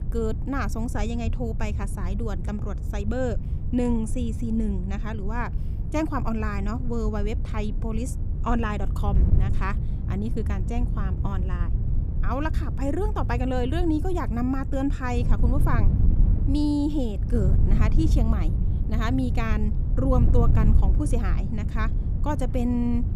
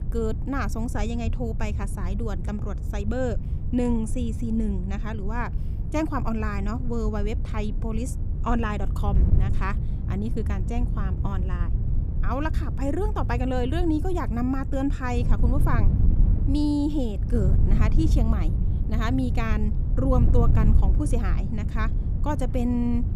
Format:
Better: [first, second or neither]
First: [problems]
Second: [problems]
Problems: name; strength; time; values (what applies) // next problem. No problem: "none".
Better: neither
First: wind noise on the microphone; heavy; 10 dB below the speech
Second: wind noise on the microphone; heavy; 10 dB below the speech